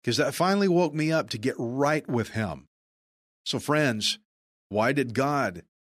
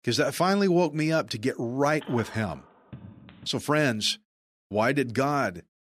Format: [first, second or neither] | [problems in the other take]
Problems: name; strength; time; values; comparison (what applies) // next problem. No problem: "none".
first | phone ringing; faint; from 2 to 3.5 s; peak 15 dB below the speech